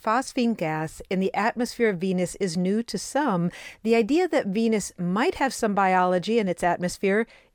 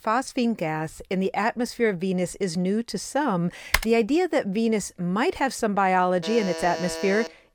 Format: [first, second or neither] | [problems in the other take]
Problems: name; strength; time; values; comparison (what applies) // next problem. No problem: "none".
first | keyboard typing; noticeable; at 3.5 s; peak 1 dB below the speech // alarm; noticeable; from 6 s on; peak 7 dB below the speech